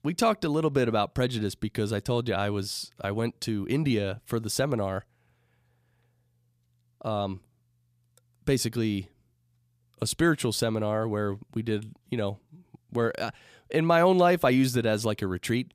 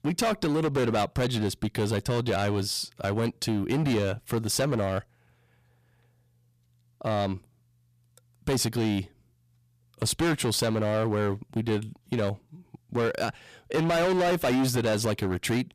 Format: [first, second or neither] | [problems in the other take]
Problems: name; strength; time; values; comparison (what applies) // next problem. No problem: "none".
first | distortion; heavy; 13% of the sound clipped